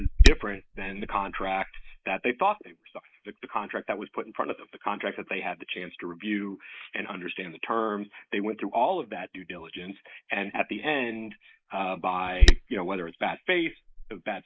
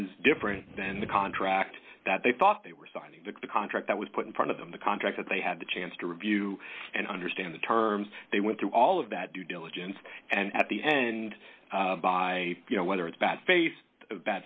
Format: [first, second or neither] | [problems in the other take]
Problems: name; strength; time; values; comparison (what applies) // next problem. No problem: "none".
second | noise reduction (neural mask model Resemble Enhance denoiser)